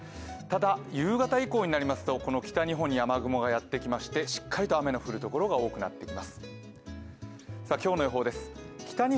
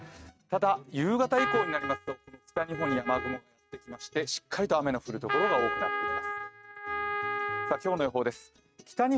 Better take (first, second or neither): first